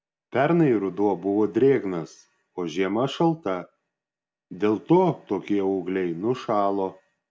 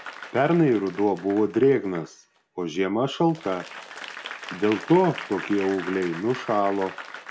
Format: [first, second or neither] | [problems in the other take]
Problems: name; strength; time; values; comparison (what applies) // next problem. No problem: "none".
first | background sound (Applause / Crowd); 15 dB below the speech